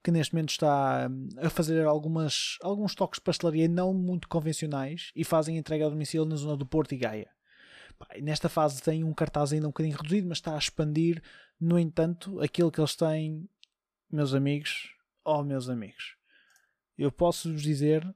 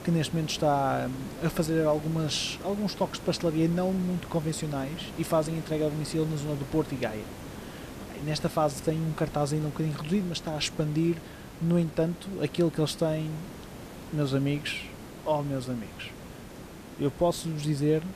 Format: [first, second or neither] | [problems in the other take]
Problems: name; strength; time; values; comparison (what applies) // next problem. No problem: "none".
first | hiss; noticeable; throughout; 15 dB below the speech